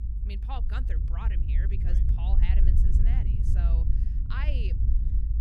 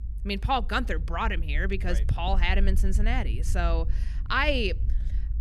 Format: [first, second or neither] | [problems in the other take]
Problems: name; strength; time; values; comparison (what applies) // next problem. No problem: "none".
second | low rumble; loud; throughout; 2 dB below the speech; faint in the second